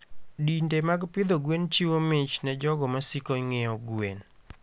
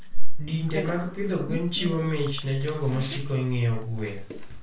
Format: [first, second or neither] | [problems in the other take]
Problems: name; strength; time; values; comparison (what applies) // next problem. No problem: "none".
first | background sound (Bicycle); 18 dB below the speech // room echo; dies away in 0.3 s